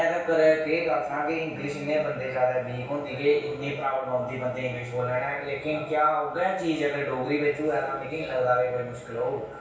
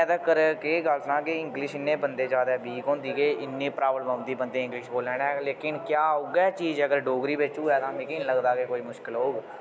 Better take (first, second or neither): second